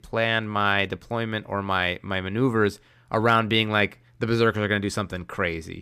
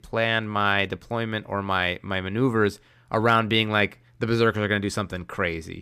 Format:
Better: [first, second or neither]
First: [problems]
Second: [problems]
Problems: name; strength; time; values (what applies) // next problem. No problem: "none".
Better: neither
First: none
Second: none